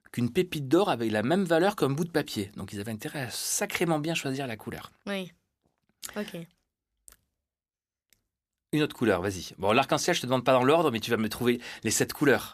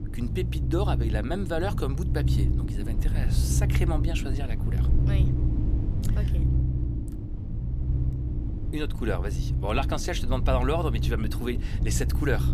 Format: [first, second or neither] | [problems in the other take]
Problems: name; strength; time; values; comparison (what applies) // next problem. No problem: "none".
first | low rumble; loud; throughout; 8 dB below the speech